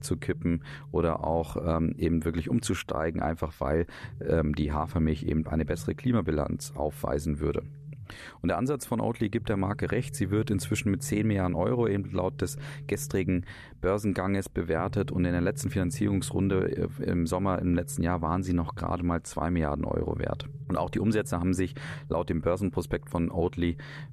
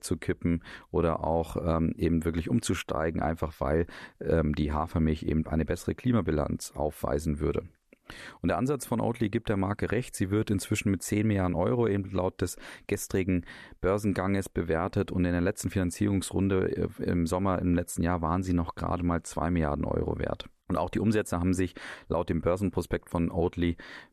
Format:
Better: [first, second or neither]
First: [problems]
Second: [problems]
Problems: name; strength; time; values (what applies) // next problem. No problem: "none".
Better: second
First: low rumble; faint; throughout; 20 dB below the speech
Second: none